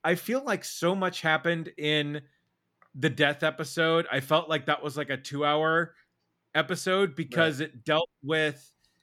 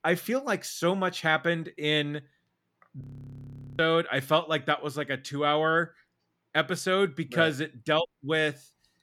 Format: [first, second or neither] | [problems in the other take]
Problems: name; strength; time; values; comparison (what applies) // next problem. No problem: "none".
first | audio freezing; at 3 s for 1 s